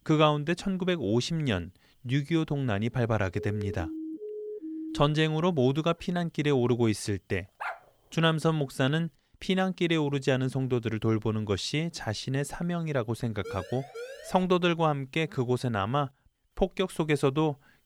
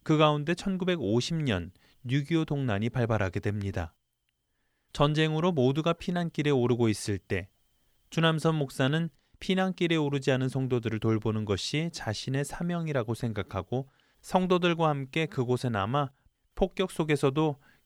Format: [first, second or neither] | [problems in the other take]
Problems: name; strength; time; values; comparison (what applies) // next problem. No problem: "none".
second | siren; noticeable; from 3.5 to 5 s; peak 9 dB below the speech // dog barking; noticeable; at 7.5 s; peak 9 dB below the speech // siren; faint; from 13 to 14 s; peak 15 dB below the speech